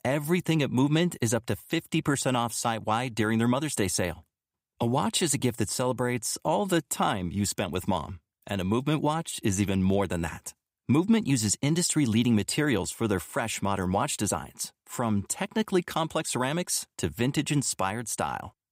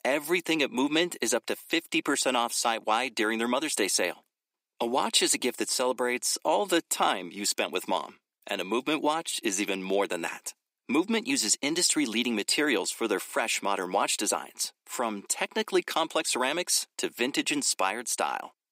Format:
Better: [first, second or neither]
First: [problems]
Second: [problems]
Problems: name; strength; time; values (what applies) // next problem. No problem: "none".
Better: first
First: none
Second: thin; somewhat; fading below 300 Hz